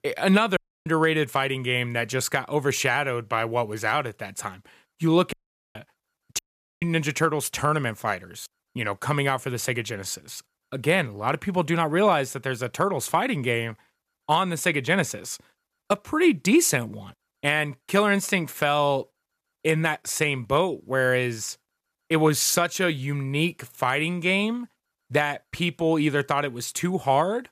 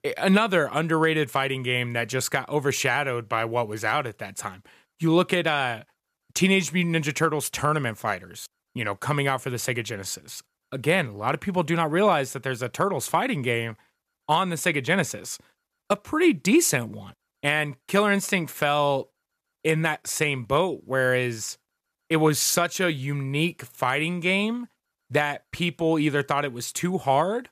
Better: second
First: audio cutting out; at 0.5 s, at 5.5 s and at 6.5 s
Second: none

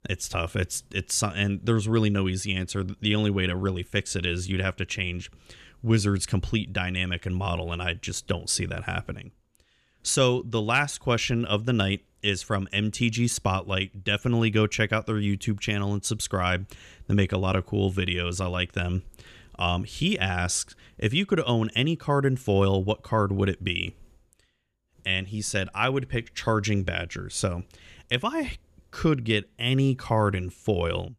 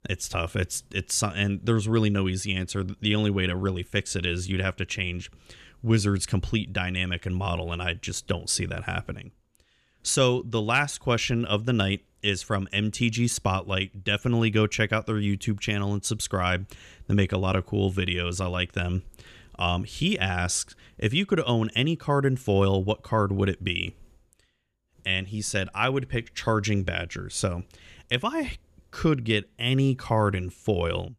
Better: neither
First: none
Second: none

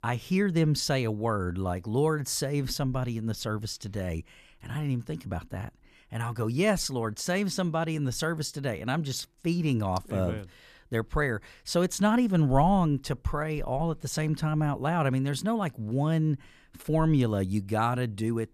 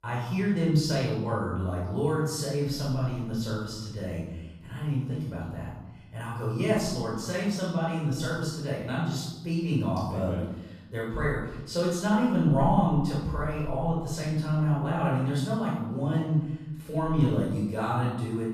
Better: first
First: none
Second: room echo; strong; dies away in 0.9 s // off-mic speech; far

